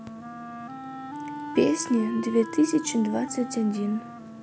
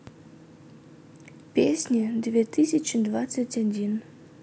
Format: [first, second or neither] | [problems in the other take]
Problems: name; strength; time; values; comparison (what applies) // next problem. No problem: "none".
second | background sound (Wind instrument, woodwind instrument); 11 dB below the speech